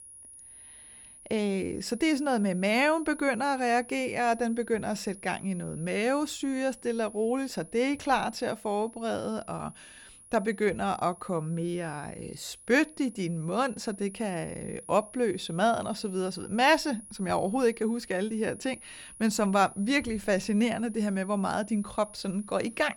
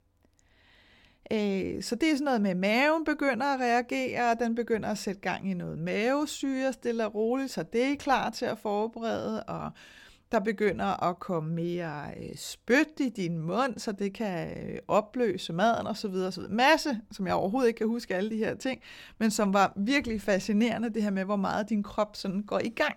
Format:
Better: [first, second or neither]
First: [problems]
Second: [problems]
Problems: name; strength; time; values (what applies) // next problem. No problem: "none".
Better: second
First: high-pitched whine; noticeable; throughout; 10.5 kHz, 20 dB below the speech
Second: none